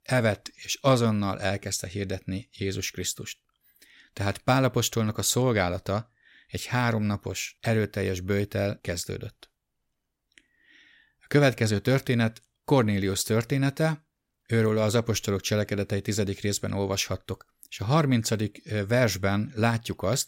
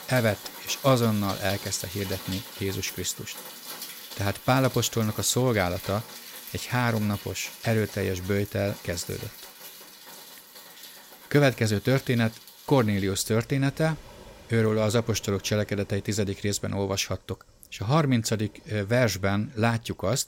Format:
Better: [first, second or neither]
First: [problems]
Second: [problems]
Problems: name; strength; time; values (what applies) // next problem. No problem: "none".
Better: first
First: none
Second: rain or running water; noticeable; throughout; 15 dB below the speech